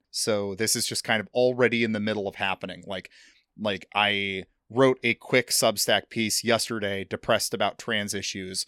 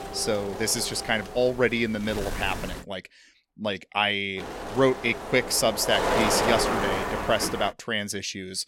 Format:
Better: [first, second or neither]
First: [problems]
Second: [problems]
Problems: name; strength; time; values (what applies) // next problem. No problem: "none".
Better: first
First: none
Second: wind noise on the microphone; heavy; until 3 s and from 4.5 to 7.5 s; 3 dB below the speech